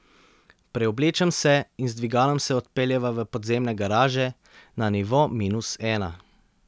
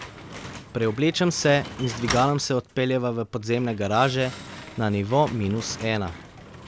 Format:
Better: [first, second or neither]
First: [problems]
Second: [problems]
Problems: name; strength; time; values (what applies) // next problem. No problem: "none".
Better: first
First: none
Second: background sound (Slam); 13 dB below the speech